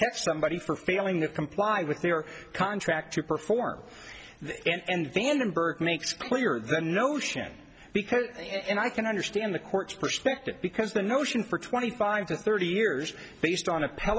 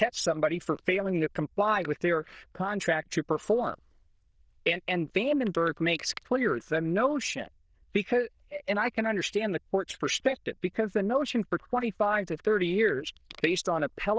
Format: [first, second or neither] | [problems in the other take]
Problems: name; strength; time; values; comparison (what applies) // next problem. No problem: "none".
first | noise reduction (neural diffusion model UNIVERSE++)